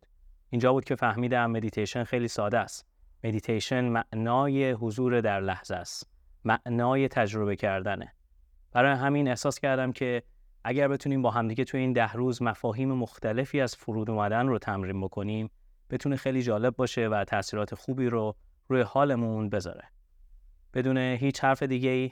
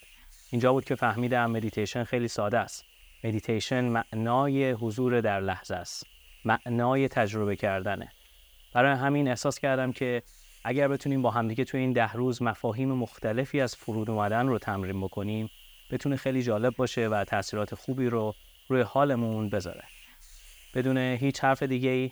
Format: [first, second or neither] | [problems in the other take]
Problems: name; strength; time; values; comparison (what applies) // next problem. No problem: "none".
first | hiss; faint; throughout; 25 dB below the speech